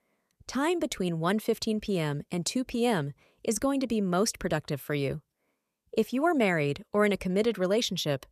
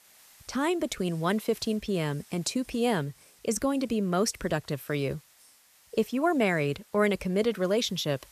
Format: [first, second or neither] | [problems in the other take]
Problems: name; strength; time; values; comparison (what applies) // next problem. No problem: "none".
first | hiss; faint; throughout; 25 dB below the speech